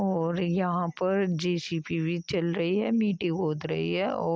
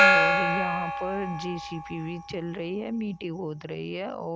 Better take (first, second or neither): first